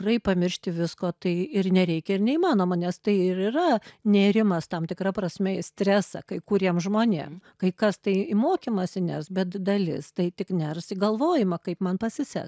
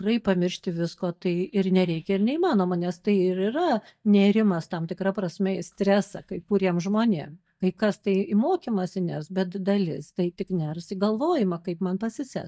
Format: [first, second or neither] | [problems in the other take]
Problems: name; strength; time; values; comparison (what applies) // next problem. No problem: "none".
first | noise reduction (neural mask model DeepFilterNet 3)